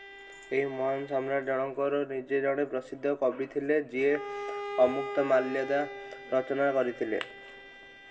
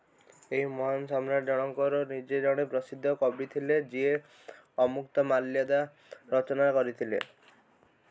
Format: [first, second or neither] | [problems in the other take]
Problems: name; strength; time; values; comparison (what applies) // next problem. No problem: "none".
second | background sound (Bowed string instrument); 12 dB below the speech // room echo; dies away in 0.6 s